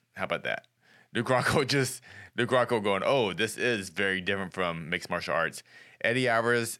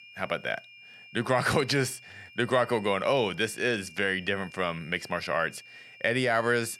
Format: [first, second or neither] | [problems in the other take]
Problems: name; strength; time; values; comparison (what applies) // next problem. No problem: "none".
first | high-pitched whine; faint; throughout; 2.5 kHz, 20 dB below the speech